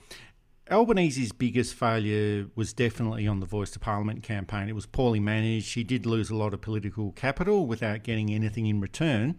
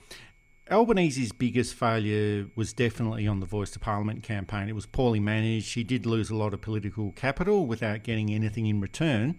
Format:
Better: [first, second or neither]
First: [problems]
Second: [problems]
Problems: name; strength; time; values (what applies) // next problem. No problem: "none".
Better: first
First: none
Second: high-pitched whine; faint; throughout; 2 kHz, 35 dB below the speech